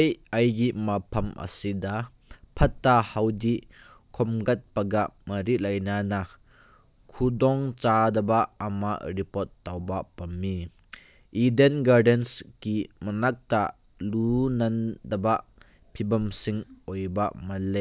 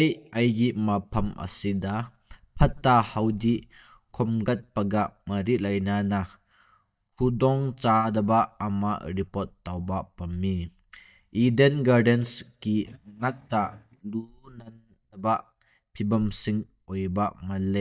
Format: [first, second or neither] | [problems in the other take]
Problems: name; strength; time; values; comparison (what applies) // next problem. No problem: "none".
first | noise reduction (neural mask model DeepFilterNet 3)